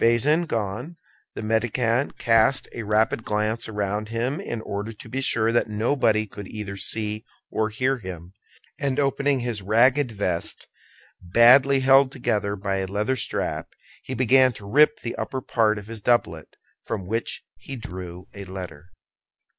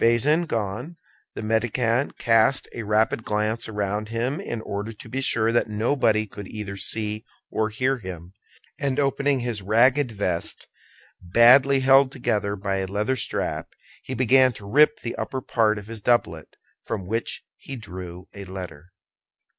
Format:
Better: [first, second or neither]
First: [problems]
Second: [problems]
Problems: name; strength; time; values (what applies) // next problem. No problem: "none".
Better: second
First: background sound (Raindrop / Drip); 17 dB below the speech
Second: none